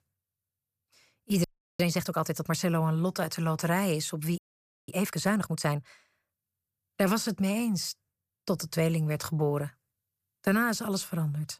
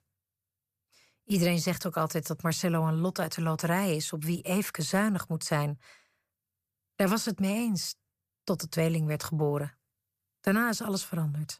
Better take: second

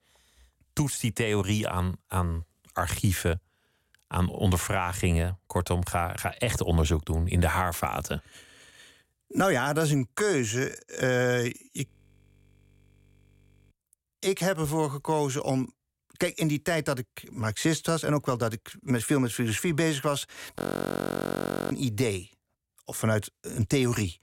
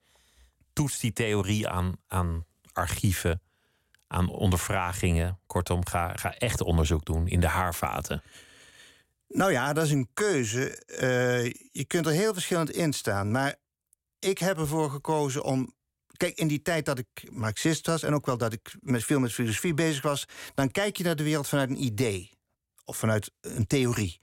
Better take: second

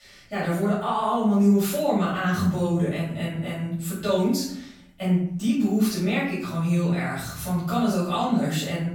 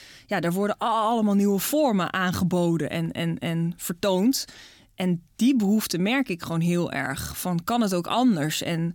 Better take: second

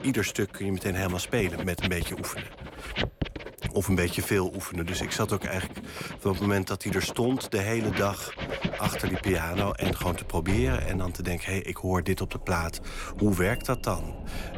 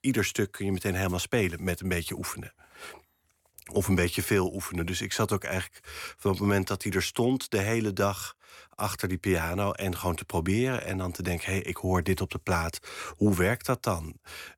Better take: second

